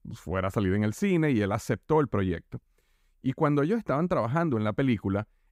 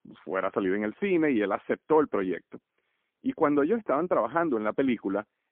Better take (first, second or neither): first